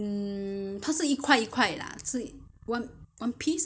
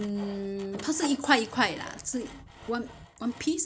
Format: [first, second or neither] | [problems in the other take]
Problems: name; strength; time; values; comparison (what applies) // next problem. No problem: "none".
first | background sound (Sawing); 16 dB below the speech